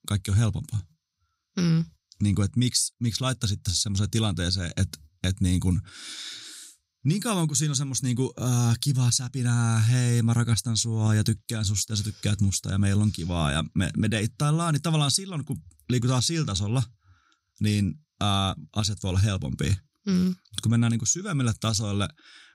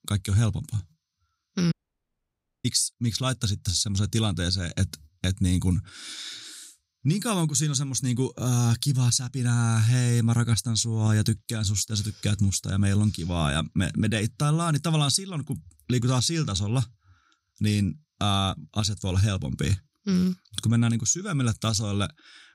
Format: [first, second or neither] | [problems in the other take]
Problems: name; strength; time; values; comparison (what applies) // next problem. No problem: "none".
first | audio cutting out; at 1.5 s for 1 s